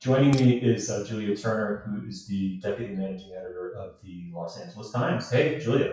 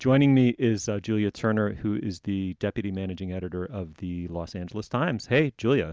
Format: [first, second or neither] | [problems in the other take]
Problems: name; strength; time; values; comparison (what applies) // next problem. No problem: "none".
second | noise reduction (classical method WPE with log-MMSE)